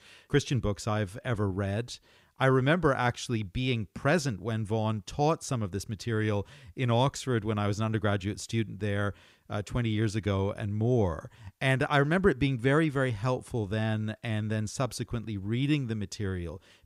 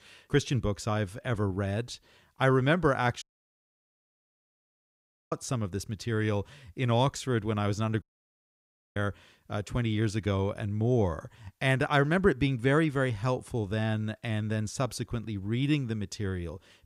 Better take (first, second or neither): first